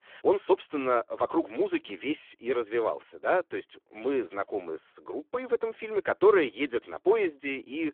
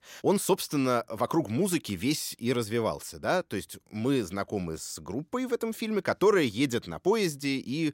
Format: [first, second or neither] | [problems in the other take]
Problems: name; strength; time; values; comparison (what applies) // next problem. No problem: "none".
second | phone-call audio; poor line